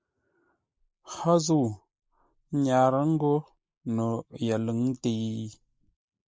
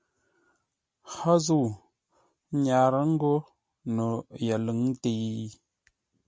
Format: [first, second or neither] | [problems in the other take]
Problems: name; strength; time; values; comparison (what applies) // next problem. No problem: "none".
second | noise reduction (neural mask model Resemble Enhance denoiser)